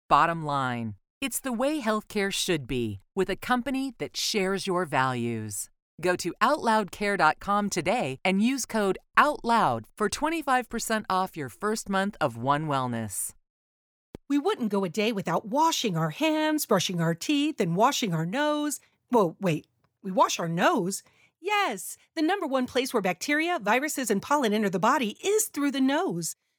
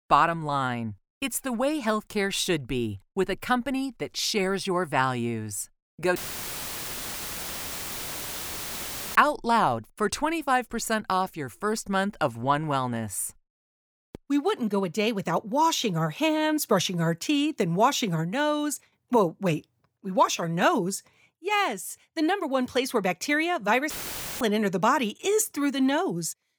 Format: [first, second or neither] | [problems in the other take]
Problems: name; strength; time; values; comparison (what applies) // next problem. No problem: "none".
first | audio cutting out; filled with static; at 6 s for 3 s and at 24 s for 0.5 s